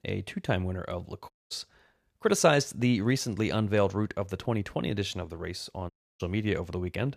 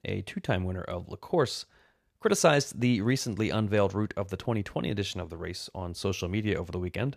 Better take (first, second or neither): second